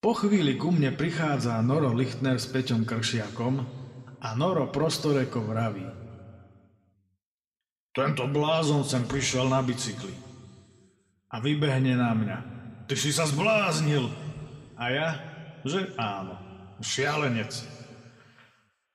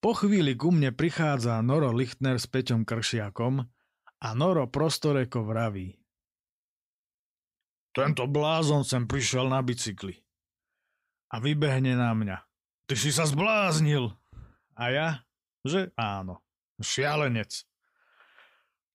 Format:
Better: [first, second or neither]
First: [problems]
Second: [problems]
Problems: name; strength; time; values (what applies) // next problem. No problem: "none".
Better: second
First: room echo; very slight; dies away in 1.6 s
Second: none